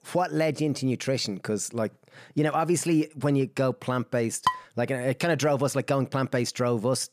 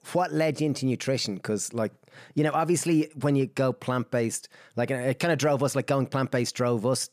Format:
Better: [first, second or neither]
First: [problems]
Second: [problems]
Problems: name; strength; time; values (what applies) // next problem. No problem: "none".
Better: second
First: clattering dishes; noticeable; at 4.5 s; peak 2 dB below the speech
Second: none